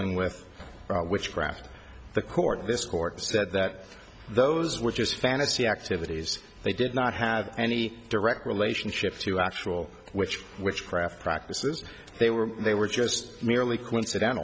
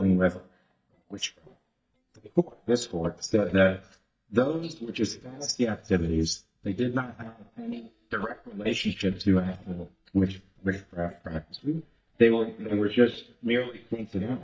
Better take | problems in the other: first | noise reduction (neural mask model DeepFilterNet 3)

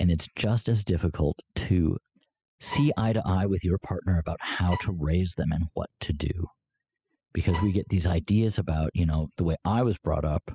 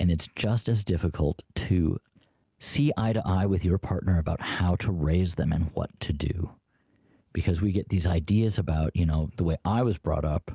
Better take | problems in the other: second | noise reduction (classical method spectral subtraction)

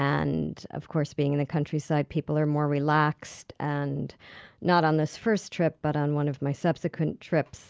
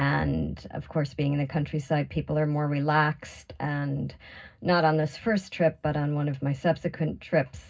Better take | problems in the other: first | room echo; dies away in 0.4 s

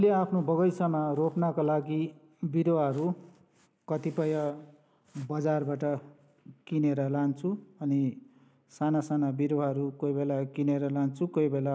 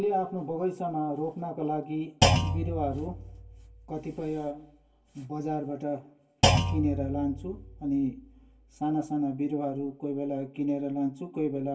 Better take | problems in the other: first | background sound (Thump, thud); as loud as the speech // room echo; dies away in 0.1 s

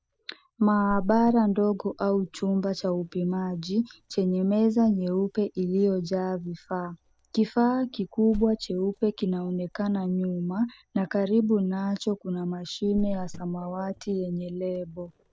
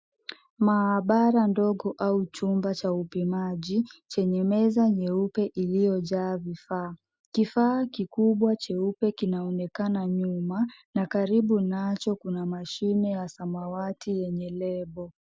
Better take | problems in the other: second | background sound (Cricket); 17 dB below the speech

